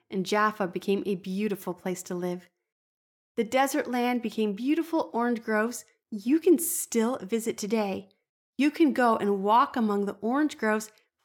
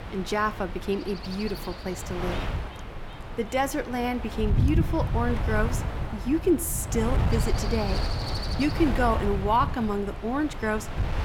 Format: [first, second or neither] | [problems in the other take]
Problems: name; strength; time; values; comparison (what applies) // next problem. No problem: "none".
first | wind noise on the microphone; heavy; 8 dB below the speech